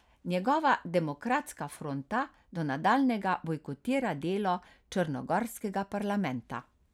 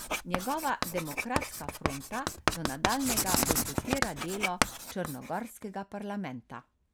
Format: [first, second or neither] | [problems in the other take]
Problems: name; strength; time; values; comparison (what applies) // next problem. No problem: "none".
first | background sound (Writing); 2 dB above the speech